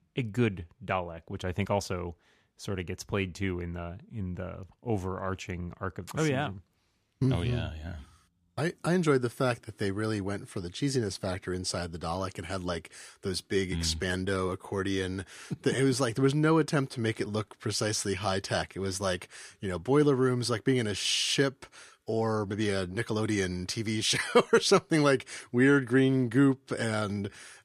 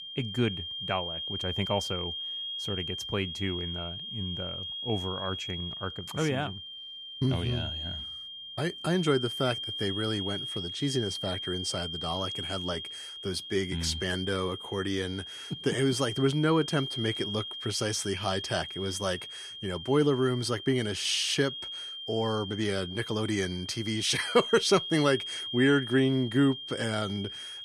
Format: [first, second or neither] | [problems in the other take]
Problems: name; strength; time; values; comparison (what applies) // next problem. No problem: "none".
first | high-pitched whine; loud; throughout; 3 kHz, 6 dB below the speech